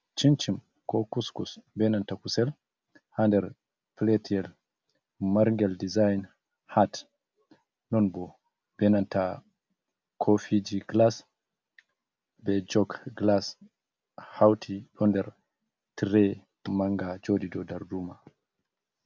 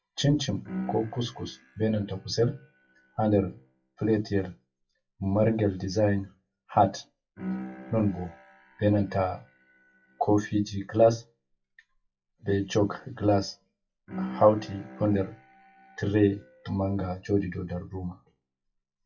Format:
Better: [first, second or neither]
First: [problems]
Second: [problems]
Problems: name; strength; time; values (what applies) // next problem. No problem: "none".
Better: first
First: none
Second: noise reduction (classical method WPE with log-MMSE)